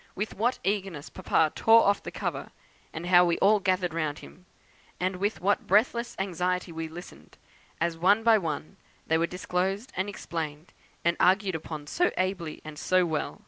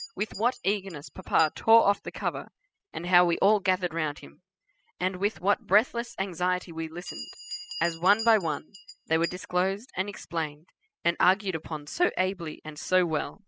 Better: first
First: none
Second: noise reduction (classical method spectral subtraction)

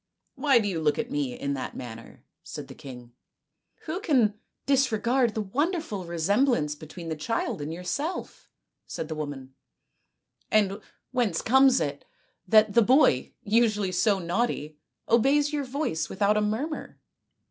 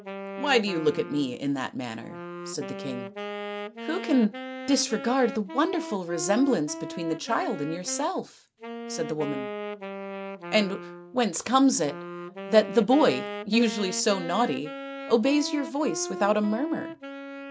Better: first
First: none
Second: background sound (Wind instrument, woodwind instrument); 10 dB below the speech

